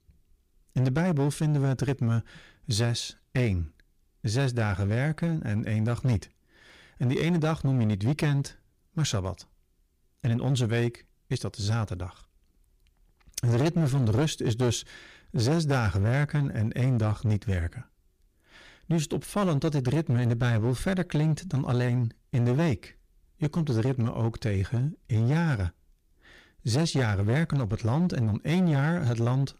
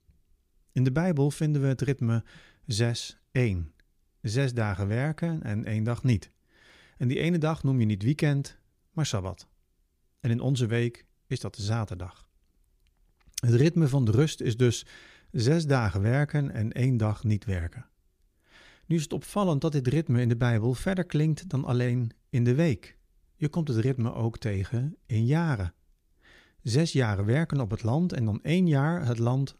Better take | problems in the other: second | distortion; slight; 10% of the sound clipped

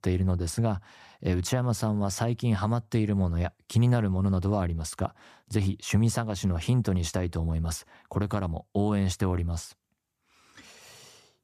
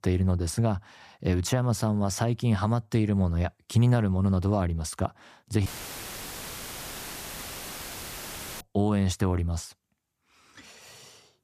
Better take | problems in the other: first | audio cutting out; filled with static; at 5.5 s for 3 s

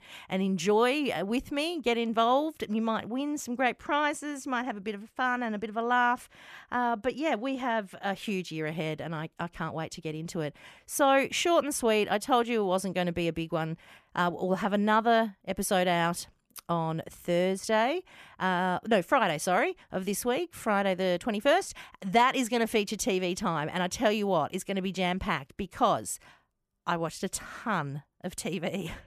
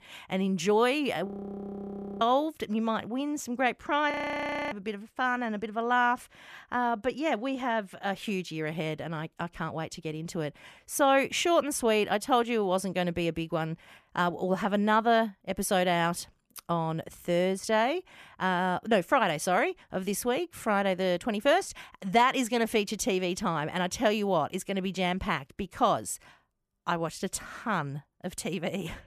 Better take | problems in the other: first | audio freezing; at 1.5 s for 1 s and at 4 s for 0.5 s

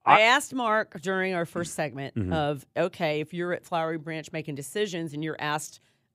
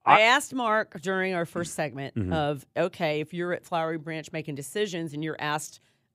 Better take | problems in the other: neither | none

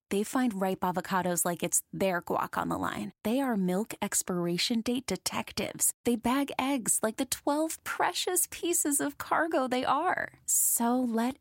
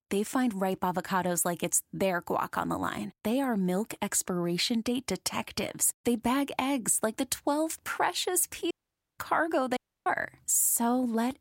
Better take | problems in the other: first | audio cutting out; at 8.5 s and at 10 s

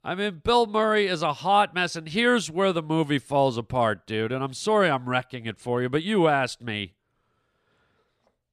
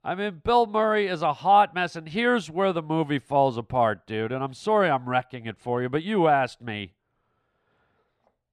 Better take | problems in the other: first | muffled; slightly; fading above 3.5 kHz

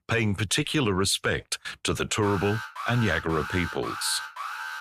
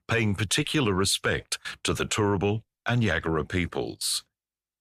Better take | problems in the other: second | alarm; noticeable; from 2 s on; peak 7 dB below the speech

